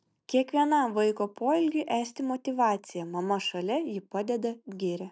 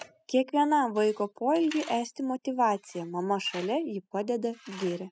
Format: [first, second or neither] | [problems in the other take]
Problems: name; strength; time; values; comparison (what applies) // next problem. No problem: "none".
first | noise reduction (classical method spectral subtraction)